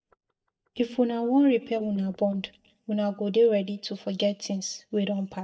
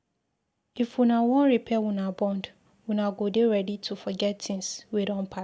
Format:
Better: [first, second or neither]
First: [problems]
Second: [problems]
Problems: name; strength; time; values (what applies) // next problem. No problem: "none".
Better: second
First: noise reduction (neural mask model DeepFilterNet 3)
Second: none